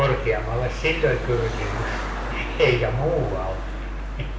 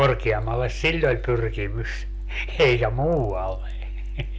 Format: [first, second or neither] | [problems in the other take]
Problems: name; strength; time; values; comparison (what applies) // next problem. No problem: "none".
second | background sound (Traffic noise, roadway noise); 11 dB below the speech // room echo; dies away in 0.6 s